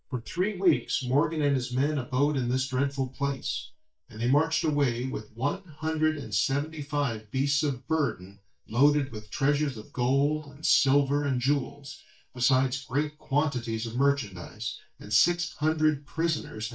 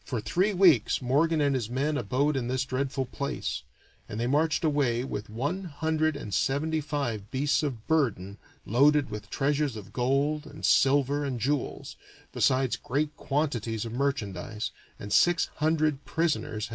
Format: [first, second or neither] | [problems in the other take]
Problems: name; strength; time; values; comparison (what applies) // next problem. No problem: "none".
second | noise reduction (neural mask model DeepFilterNet 3)